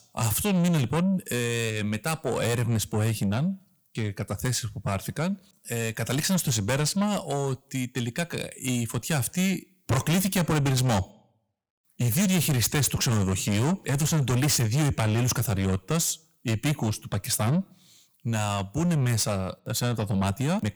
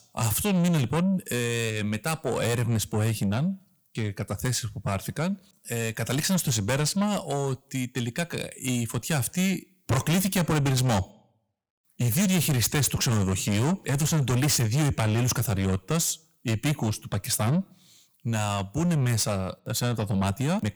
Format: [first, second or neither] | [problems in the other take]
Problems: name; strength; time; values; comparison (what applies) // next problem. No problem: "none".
neither | distortion; heavy; 6 dB below the speech; the same in both